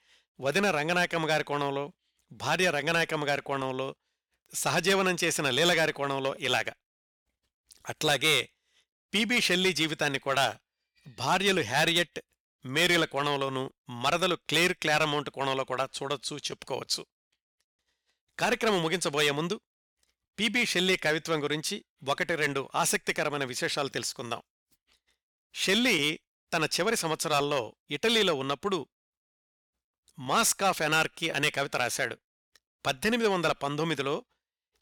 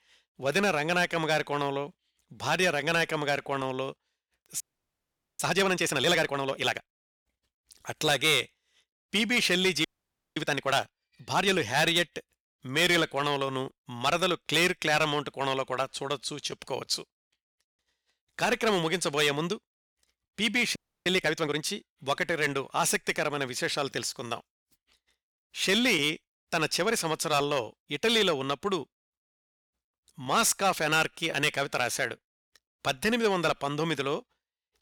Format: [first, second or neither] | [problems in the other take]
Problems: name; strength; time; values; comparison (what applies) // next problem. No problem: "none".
first | audio freezing; at 4.5 s for 1 s, at 10 s for 0.5 s and at 21 s